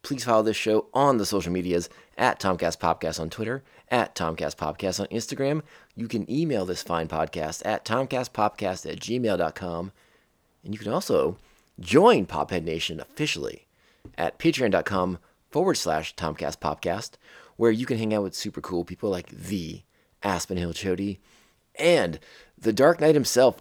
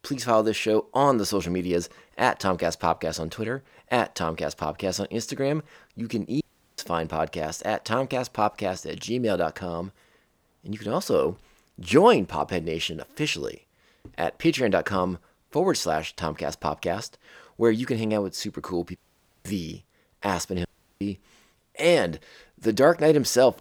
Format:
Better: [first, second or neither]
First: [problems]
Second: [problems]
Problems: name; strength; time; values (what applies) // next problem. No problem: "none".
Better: first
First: none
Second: audio cutting out; at 6.5 s, at 19 s and at 21 s